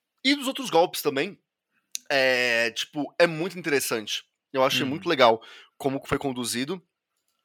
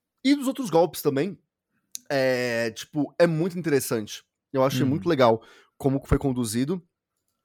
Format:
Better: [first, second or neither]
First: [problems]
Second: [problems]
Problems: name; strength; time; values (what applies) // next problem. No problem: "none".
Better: second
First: thin; very slightly; fading below 800 Hz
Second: none